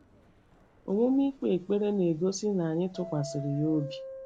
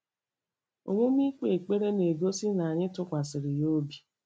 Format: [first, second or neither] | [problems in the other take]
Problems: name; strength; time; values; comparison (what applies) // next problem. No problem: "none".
second | background sound (Subway, metro, underground); 16 dB below the speech